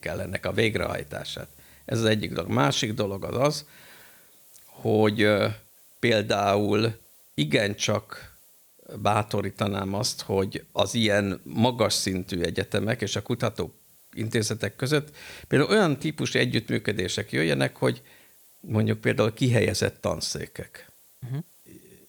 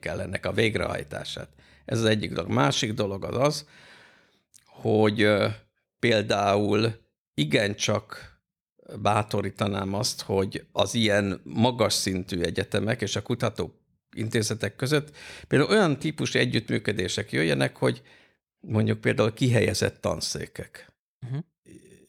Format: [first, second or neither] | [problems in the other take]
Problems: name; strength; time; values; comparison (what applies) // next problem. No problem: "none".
second | hiss; faint; throughout; 25 dB below the speech